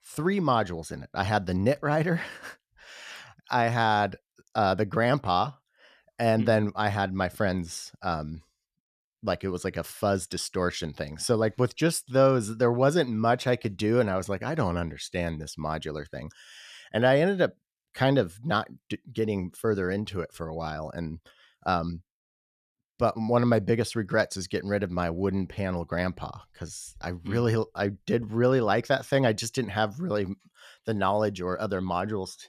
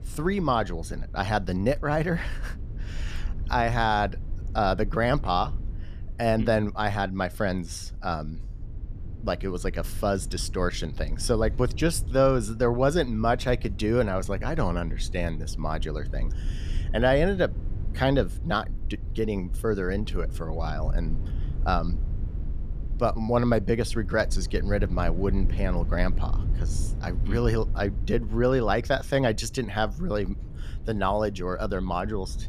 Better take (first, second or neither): first